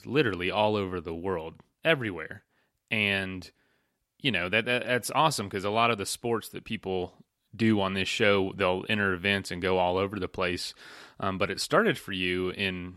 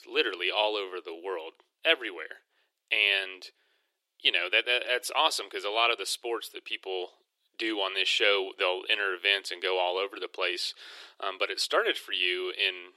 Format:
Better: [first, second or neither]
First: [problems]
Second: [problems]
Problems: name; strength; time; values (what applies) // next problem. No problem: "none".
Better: first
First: none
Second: thin; very; fading below 350 Hz